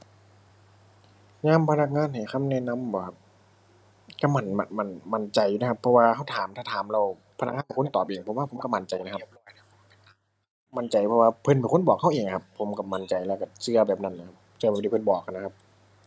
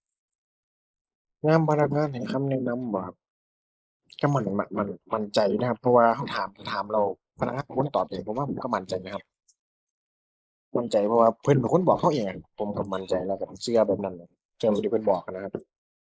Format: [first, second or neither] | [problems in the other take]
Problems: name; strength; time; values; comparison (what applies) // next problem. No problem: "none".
first | noise reduction (neural mask model Resemble Enhance denoiser)